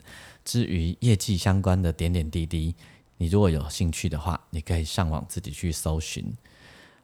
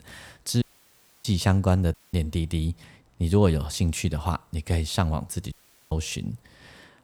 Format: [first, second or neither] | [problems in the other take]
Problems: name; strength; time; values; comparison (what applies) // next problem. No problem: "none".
first | audio cutting out; at 0.5 s for 0.5 s, at 2 s and at 5.5 s